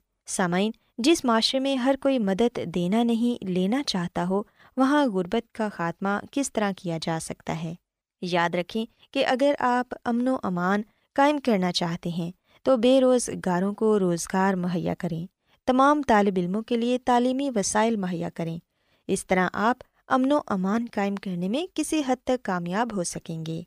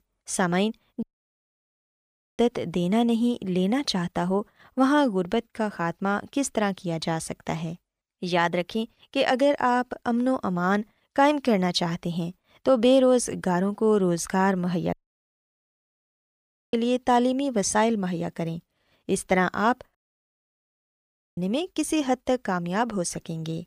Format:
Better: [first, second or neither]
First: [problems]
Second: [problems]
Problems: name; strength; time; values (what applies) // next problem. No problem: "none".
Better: first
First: none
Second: audio cutting out; at 1 s for 1.5 s, at 15 s for 2 s and at 20 s for 1.5 s